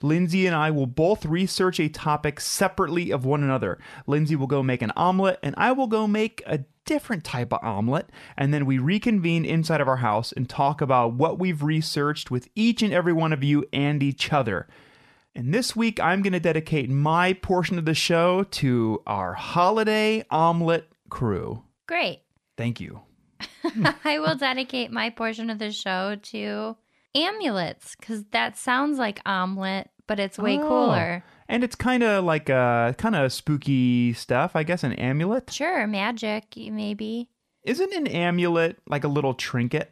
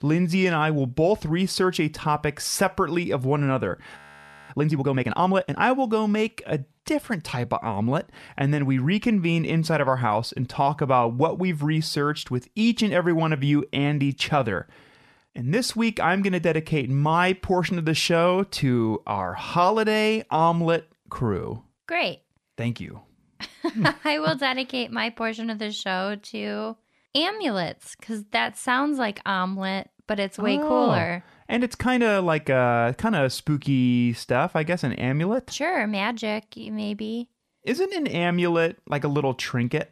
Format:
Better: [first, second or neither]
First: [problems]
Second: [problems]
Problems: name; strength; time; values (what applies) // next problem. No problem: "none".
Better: first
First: none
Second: audio freezing; at 4 s for 0.5 s